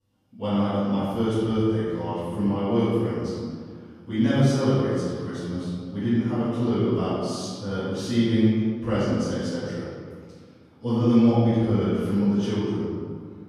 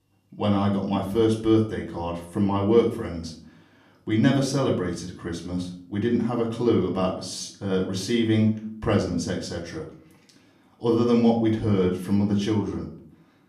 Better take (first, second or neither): second